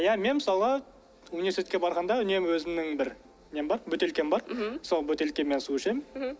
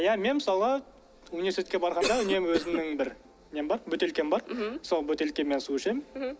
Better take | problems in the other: first | background sound (Cough); 7 dB below the speech

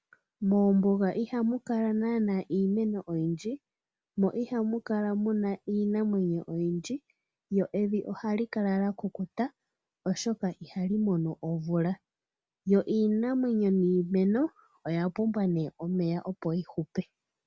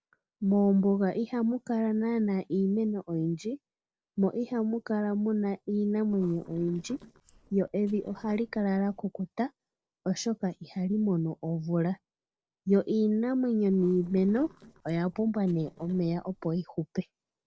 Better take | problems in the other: first | noise reduction (neural separator model SepFormer DNS4)

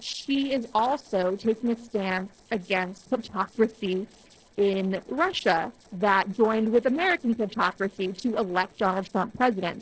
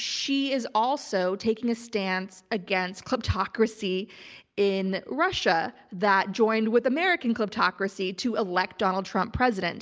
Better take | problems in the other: second | noise reduction (neural separator model SepFormer DNS4)

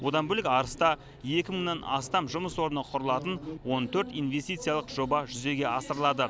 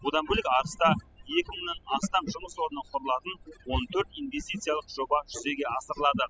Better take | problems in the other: first | noise reduction (classical method spectral subtraction)

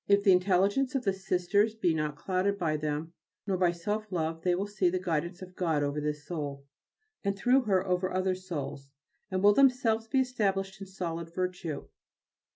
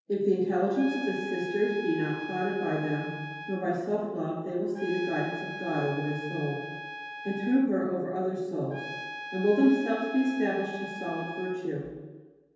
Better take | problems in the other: first | background sound (Trumpet); 11 dB below the speech // room echo; dies away in 1.2 s

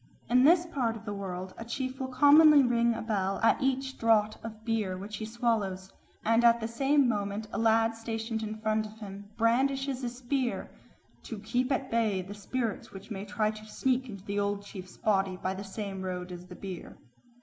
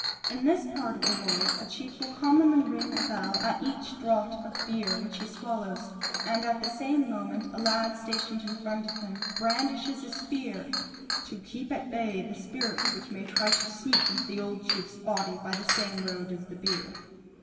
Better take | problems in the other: first | background sound (Chink, clink); 3 dB below the speech // room echo; dies away in 2.5 s

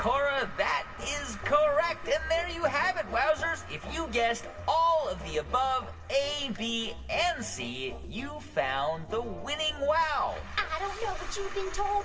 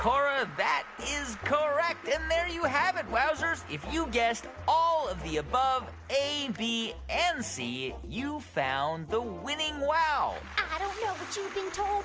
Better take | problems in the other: second | background sound (Thunder); 13 dB below the speech // room echo; dies away in 1.6 s

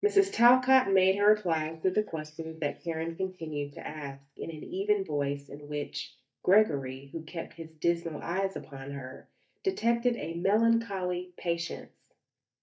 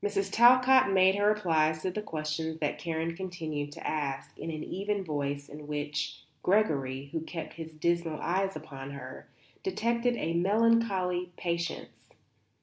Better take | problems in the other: second | noise reduction (neural mask model DeepFilterNet 3)

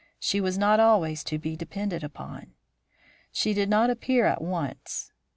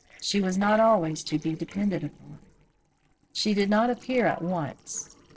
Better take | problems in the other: first | noise reduction (neural separator model SepFormer DNS4)

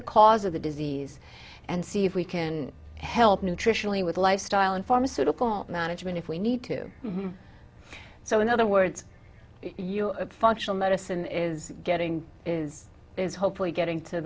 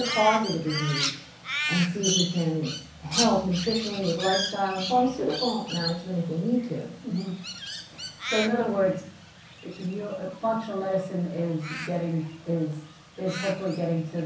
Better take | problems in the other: first | background sound (Crow); 7 dB below the speech // room echo; dies away in 0.6 s

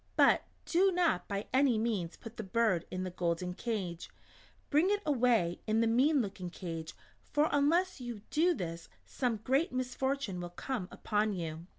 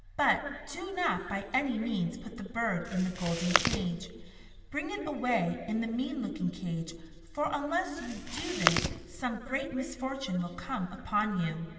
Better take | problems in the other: first | background sound (Chewing, mastication); as loud as the speech // room echo; dies away in 2 s

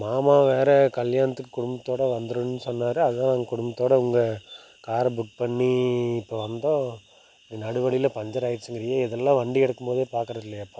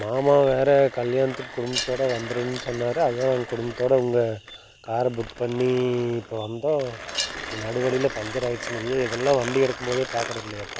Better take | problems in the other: first | background sound (Wind chime + Mechanisms); 11 dB below the speech

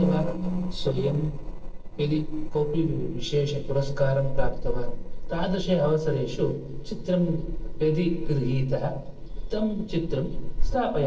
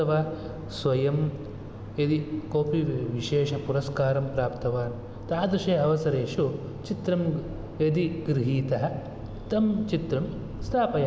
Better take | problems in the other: second | noise reduction (neural separator model SepFormer DNS4)

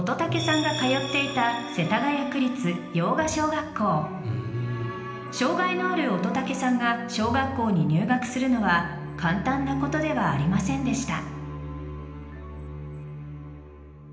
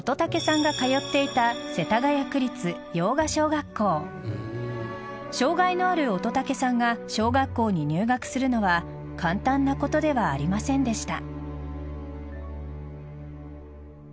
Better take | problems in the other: second | room echo; dies away in 0.9 s

